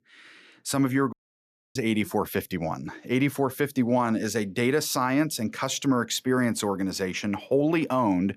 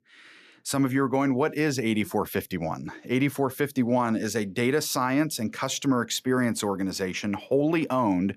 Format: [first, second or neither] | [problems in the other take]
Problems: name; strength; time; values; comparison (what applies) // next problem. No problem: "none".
second | audio cutting out; at 1 s for 0.5 s